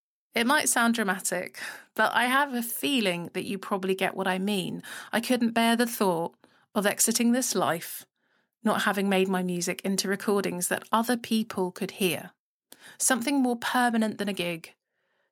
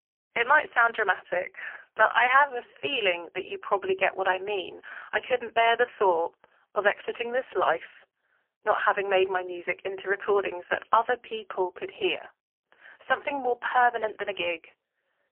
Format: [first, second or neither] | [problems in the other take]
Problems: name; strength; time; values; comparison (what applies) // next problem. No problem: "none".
first | phone-call audio; poor line; nothing above 3 kHz